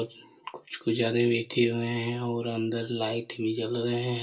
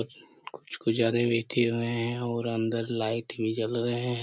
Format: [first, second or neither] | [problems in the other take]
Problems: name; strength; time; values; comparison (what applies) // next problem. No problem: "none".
second | room echo; dies away in 0.2 s